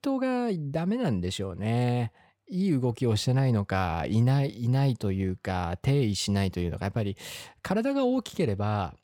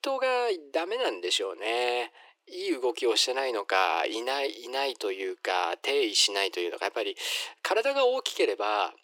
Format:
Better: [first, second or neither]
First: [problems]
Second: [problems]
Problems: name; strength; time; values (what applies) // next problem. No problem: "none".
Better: first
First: none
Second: thin; very; fading below 350 Hz